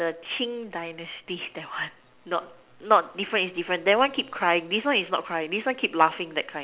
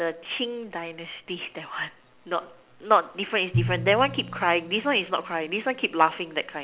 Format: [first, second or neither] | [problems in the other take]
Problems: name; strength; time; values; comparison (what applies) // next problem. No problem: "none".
first | background sound (Drum); 10 dB below the speech